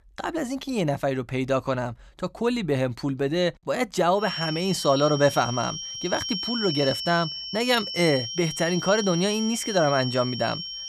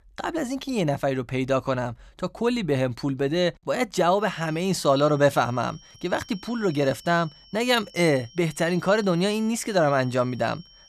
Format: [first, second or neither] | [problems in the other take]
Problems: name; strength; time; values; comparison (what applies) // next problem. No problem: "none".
second | high-pitched whine; loud; from 4 s on; 5.5 kHz, 5 dB below the speech; faint in the second